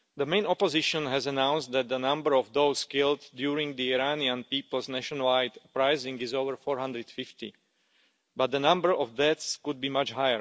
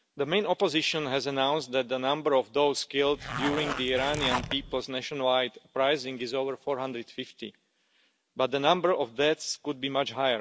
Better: first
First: none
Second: background sound (Zipper (clothing)); 6 dB below the speech

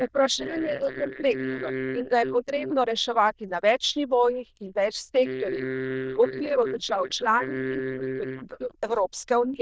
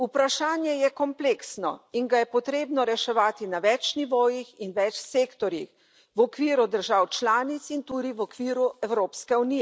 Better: second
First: noise reduction (neural diffusion model UNIVERSE++)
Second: none

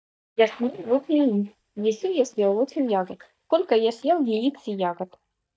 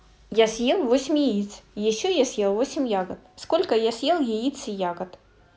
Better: second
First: noise reduction (neural mask model DeepFilterNet 3)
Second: none

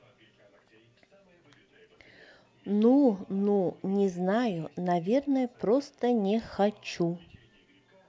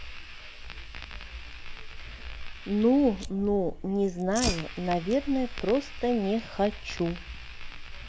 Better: first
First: none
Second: background sound (Fire); 8 dB below the speech

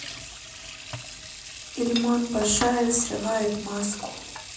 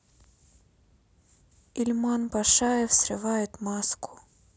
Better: second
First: background sound (Sink (filling or washing) / Water tap, faucet); 10 dB below the speech // room echo; dies away in 0.6 s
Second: none

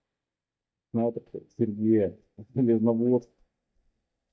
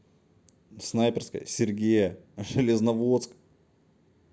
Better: second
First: noise reduction (neural mask model DeepFilterNet 3)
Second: none

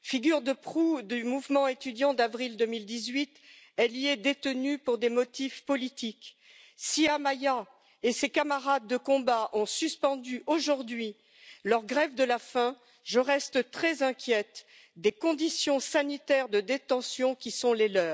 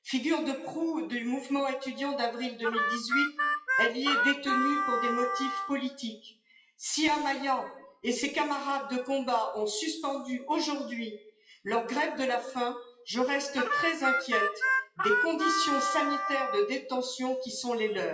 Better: first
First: none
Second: noise reduction (classical method WPE with log-MMSE)

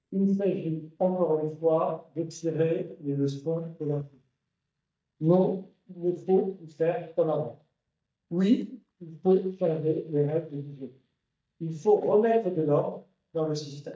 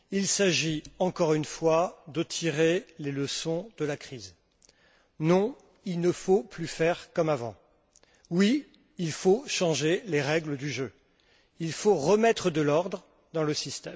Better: second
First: noise reduction (neural mask model DeepFilterNet 3)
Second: none

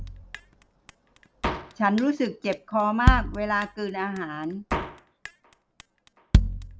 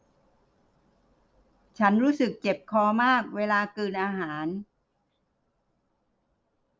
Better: second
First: background sound (Drum kit); 1 dB above the speech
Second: none

